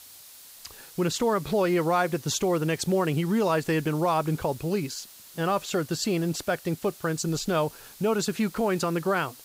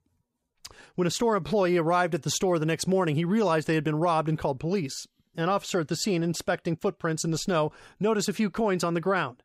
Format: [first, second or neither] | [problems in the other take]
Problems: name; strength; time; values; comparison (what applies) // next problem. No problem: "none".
second | hiss; noticeable; throughout; 20 dB below the speech